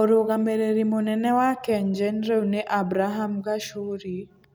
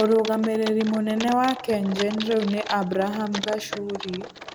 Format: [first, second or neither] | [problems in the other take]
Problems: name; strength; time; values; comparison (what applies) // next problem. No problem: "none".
first | background sound (Typing); 12 dB below the speech